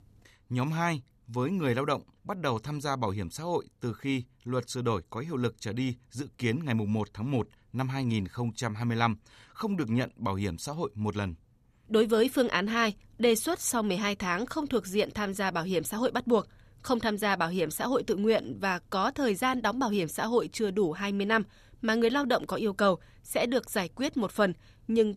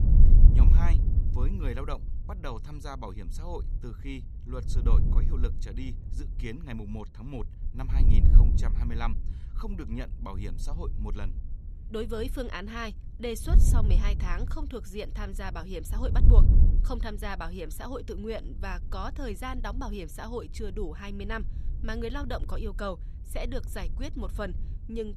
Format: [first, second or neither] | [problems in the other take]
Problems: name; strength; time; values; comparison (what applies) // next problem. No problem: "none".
first | wind noise on the microphone; heavy; 7 dB below the speech